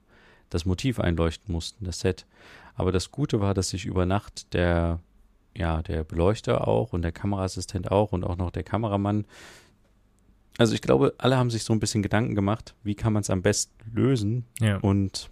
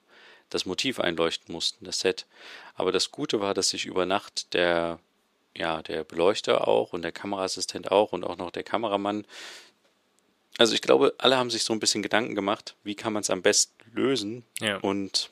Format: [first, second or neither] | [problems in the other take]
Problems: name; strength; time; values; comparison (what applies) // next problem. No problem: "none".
first | thin; somewhat; fading below 400 Hz